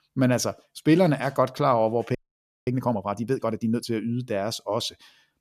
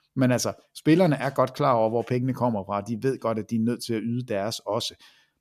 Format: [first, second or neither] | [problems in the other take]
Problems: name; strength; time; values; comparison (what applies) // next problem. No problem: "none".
second | audio freezing; at 2 s for 0.5 s